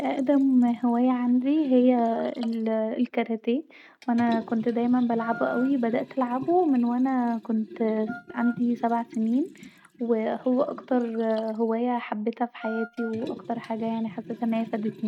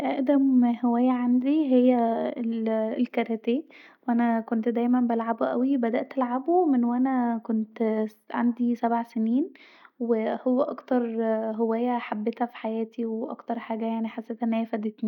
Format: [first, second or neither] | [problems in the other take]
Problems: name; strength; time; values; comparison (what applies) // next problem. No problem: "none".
second | noise reduction (neural mask model RNNoise)